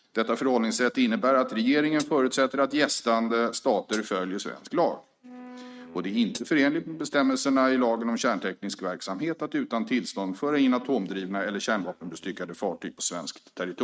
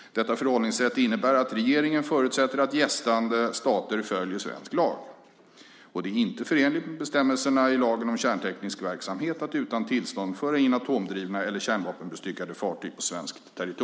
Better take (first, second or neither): second